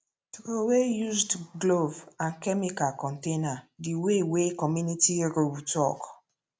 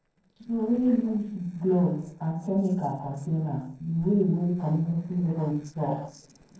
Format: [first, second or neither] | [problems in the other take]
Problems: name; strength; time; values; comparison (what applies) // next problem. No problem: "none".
first | noise reduction (neural separator model SepFormer DNS4)